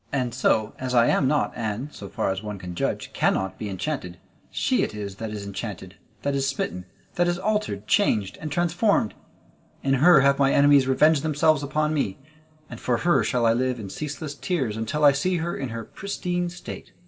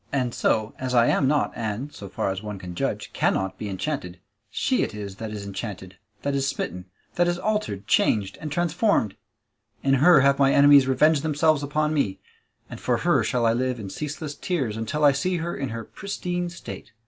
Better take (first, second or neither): second